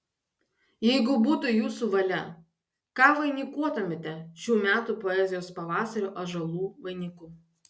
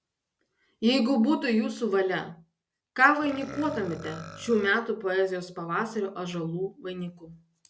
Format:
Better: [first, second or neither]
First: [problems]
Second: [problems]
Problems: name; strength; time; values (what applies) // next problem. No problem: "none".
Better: first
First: none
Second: background sound (Burping, eructation); 17 dB below the speech